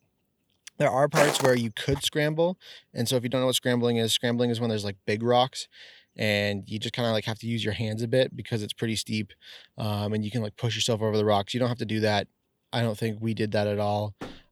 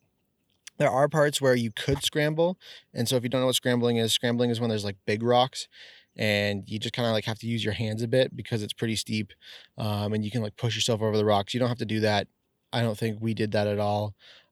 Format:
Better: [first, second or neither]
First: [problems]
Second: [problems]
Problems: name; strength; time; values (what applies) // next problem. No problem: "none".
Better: second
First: footsteps; loud; at 1 s; peak 1 dB above the speech // door banging; faint; at 14 s; peak 15 dB below the speech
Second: none